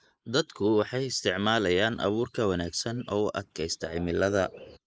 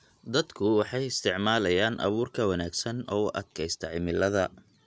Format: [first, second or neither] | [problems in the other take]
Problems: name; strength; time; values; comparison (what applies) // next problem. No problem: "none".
second | noise reduction (neural mask model Resemble Enhance denoiser)